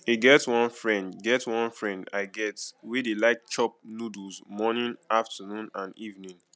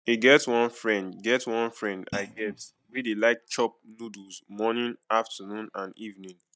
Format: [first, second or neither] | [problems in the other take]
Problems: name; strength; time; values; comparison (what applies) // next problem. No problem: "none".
first | noise reduction (neural mask model DeepFilterNet 3)